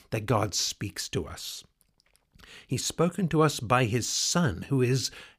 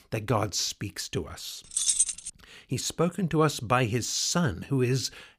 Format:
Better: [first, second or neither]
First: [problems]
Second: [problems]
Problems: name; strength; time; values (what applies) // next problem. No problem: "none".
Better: first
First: none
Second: jangling keys; loud; at 2 s; peak 5 dB above the speech